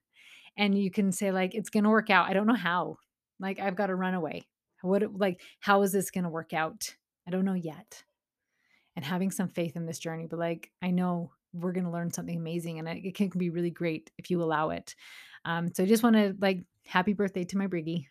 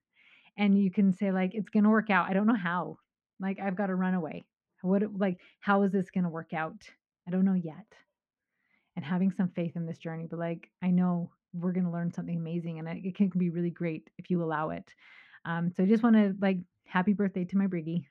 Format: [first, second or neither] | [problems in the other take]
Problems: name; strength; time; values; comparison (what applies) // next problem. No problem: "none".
first | muffled; very; fading above 2 kHz